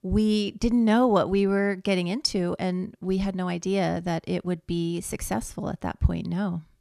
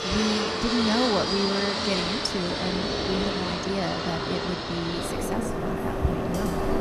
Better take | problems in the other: first | train or aircraft noise; very loud; throughout; 2 dB above the speech

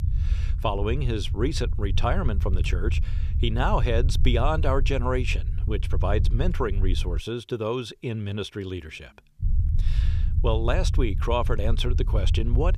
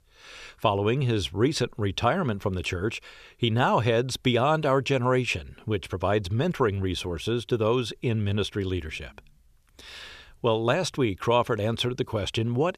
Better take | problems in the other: second | low rumble; noticeable; until 7 s and from 9.5 s on; 15 dB below the speech

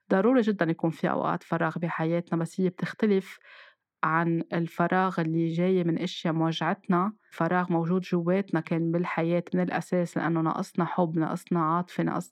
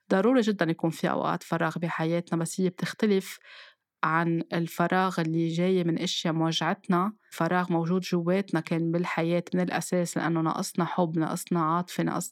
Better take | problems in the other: second | muffled; slightly; fading above 3.5 kHz

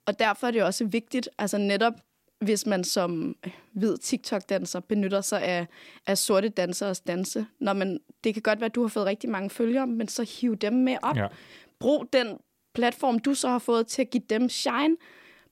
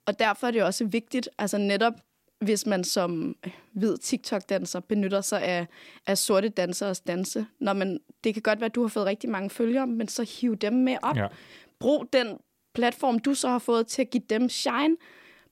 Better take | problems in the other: neither | none

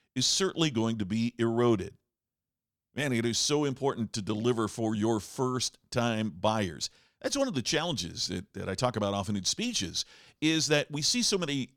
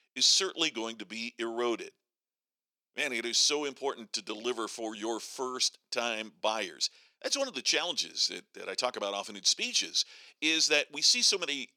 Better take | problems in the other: first | thin; somewhat; fading below 350 Hz

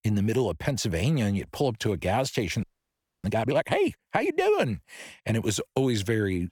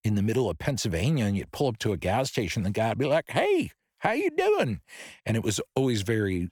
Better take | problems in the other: second | audio freezing; at 2.5 s for 0.5 s

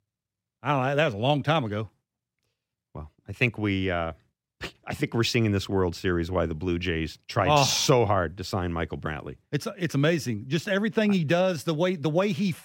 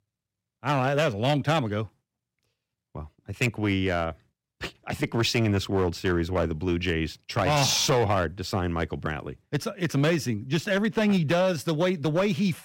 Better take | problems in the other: first | distortion; slight; 5% of the sound clipped

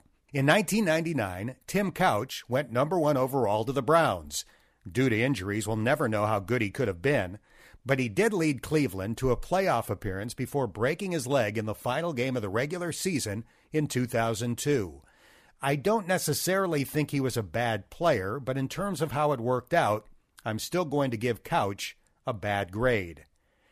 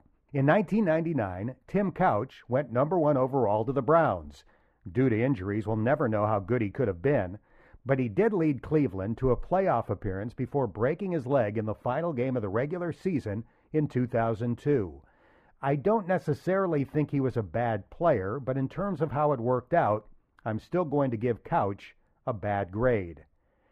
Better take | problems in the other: first | muffled; very; fading above 3 kHz

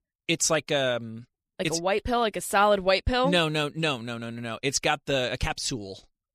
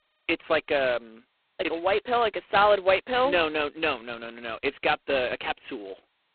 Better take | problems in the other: first | phone-call audio; poor line; nothing above 4 kHz

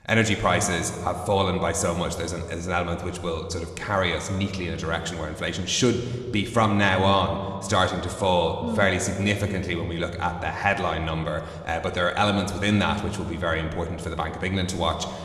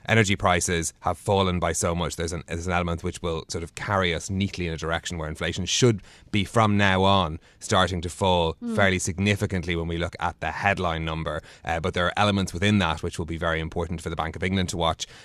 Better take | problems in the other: second | room echo; slight; dies away in 1.6 s

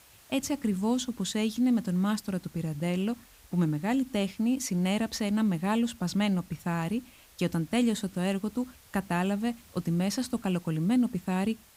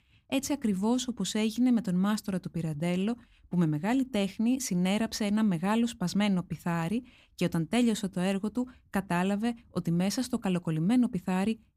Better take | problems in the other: second | hiss; faint; throughout; 25 dB below the speech

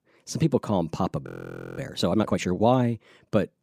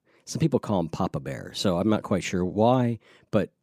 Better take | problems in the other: second | audio freezing; at 1.5 s for 0.5 s

